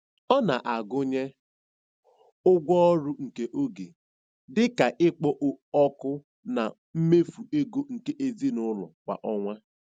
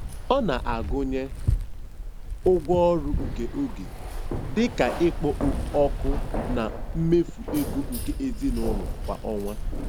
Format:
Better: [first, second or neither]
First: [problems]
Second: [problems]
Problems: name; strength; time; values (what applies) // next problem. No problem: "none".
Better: first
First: none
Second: background sound (Keys jangling); 2 dB below the speech